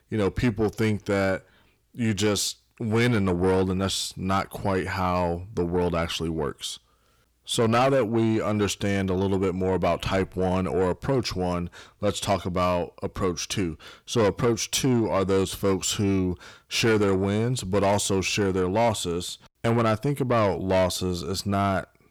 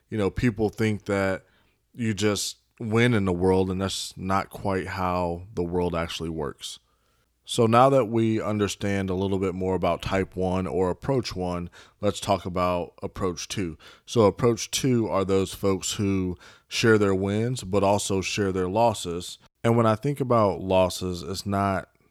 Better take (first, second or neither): second